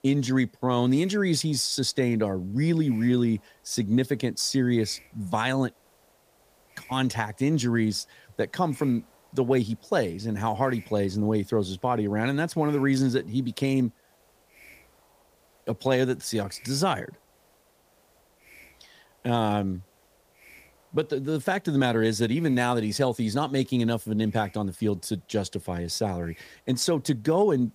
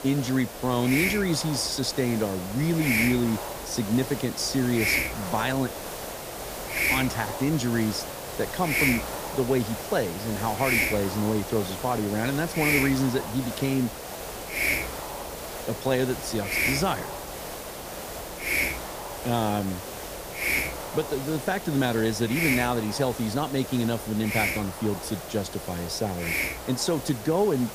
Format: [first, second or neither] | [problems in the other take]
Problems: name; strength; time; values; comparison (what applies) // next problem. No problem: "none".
first | hiss; loud; throughout; 3 dB below the speech; faint in the first